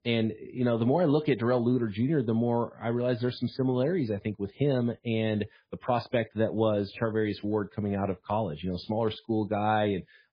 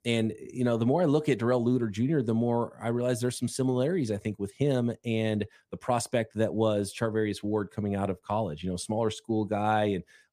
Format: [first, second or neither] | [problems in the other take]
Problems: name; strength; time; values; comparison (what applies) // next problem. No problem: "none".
second | garbled, watery; badly; nothing above 5 kHz